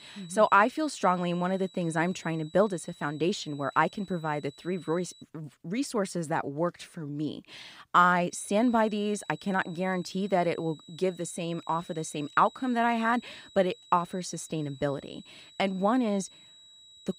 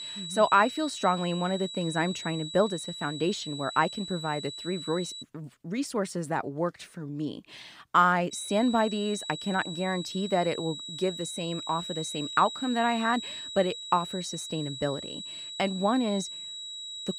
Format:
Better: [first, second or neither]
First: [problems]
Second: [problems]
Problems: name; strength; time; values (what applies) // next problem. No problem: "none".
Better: first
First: high-pitched whine; faint; until 5 s and from 8.5 s on; 4 kHz, 25 dB below the speech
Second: high-pitched whine; loud; until 5 s and from 8.5 s on; 4 kHz, 8 dB below the speech